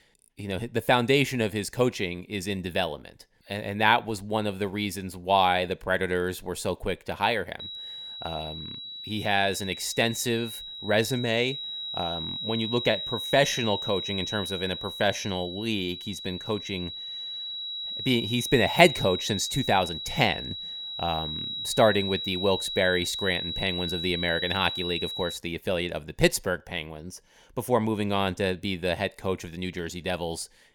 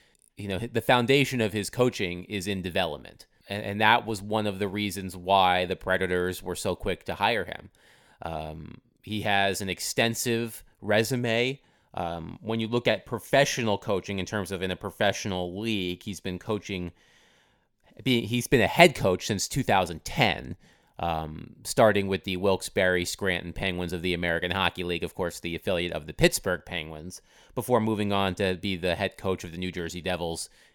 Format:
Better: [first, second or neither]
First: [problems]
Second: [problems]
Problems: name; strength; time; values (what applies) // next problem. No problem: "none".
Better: second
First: high-pitched whine; loud; from 7.5 to 25 s; 4 kHz, 5 dB below the speech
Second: none